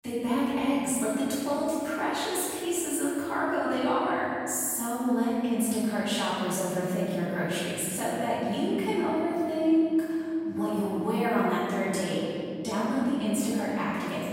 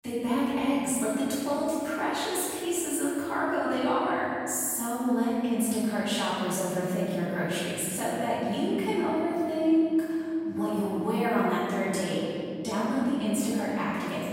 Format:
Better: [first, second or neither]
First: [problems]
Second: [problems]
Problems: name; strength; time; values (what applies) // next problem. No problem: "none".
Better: neither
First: off-mic speech; far // room echo; strong; dies away in 2.9 s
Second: off-mic speech; far // room echo; strong; dies away in 2.9 s